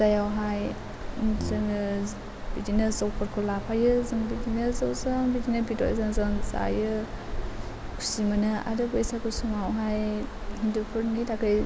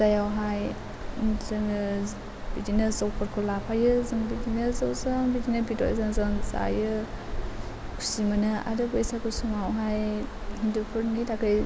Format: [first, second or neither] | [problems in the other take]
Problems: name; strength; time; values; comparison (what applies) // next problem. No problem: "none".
second | background sound (Brass instrument); 9 dB below the speech